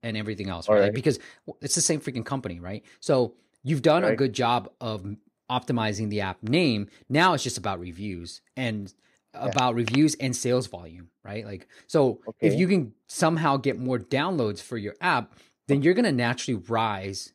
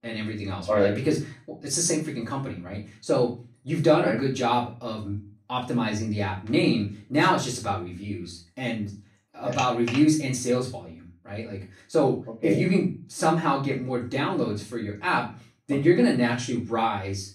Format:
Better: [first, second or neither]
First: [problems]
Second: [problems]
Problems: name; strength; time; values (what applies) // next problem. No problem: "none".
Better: first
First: none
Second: room echo; slight; dies away in 0.3 s // off-mic speech; far